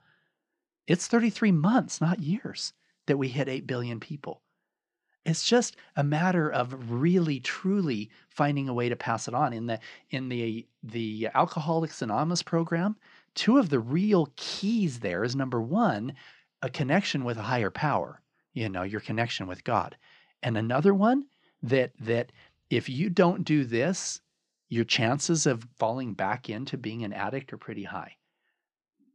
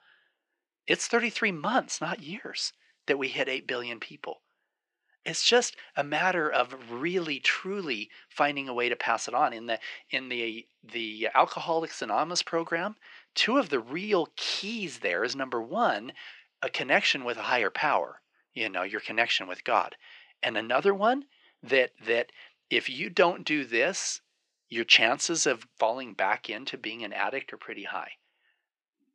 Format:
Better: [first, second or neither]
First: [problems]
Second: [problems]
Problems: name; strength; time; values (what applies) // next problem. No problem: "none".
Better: first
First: none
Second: thin; somewhat; fading below 450 Hz